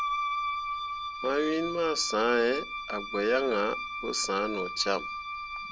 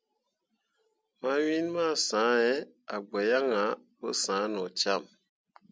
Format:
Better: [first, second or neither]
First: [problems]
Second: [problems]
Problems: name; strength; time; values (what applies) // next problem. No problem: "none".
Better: second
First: background sound (Wind instrument, woodwind instrument); 5 dB below the speech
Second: none